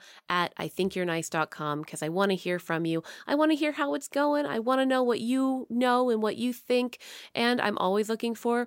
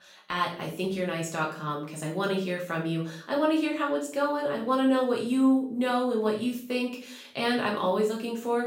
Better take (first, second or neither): first